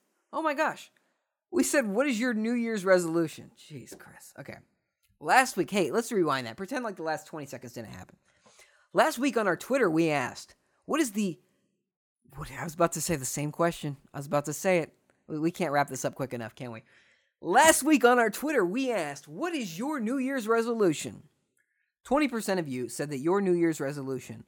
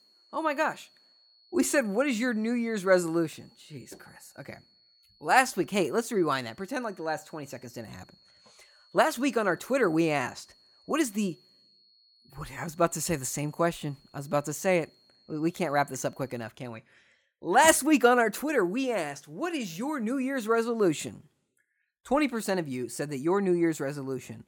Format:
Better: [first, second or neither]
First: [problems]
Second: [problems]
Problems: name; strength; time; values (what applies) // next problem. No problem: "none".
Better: first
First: none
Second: high-pitched whine; faint; until 17 s; 4.5 kHz, 30 dB below the speech